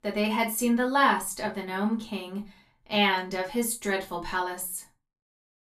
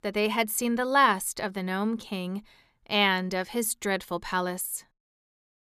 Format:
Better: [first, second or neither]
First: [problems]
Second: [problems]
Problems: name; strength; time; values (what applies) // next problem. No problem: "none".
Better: second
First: off-mic speech; far // room echo; very slight; dies away in 0.2 s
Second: none